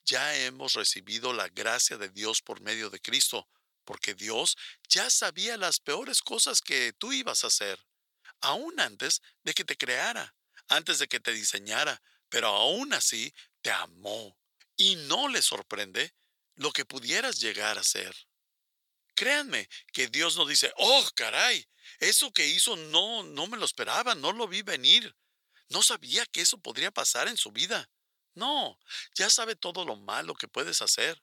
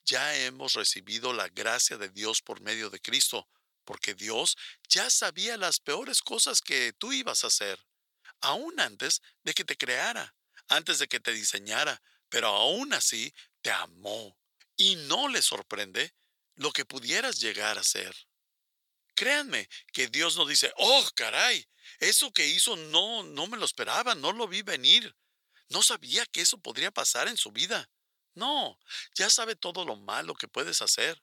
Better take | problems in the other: neither | thin; very; fading below 600 Hz; the same in both

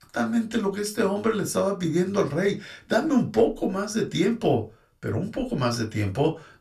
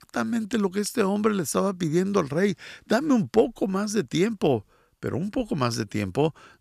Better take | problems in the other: second | off-mic speech; somewhat distant // room echo; very slight; dies away in 0.2 s

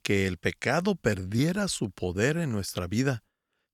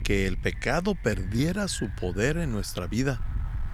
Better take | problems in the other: first | wind noise on the microphone; occasional gusts; 20 dB below the speech

